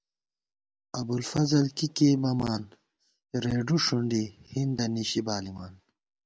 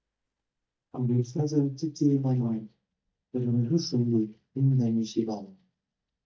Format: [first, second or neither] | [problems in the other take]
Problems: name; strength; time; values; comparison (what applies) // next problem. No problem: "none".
first | noise reduction (neural mask model DeepFilterNet 3)